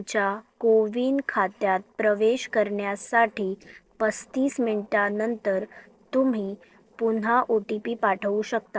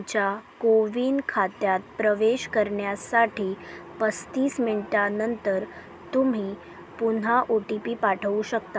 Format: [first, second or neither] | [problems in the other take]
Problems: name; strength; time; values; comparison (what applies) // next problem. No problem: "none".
second | noise reduction (neural separator model SepFormer DNS4)